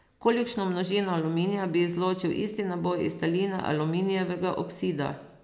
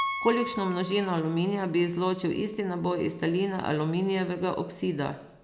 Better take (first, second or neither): first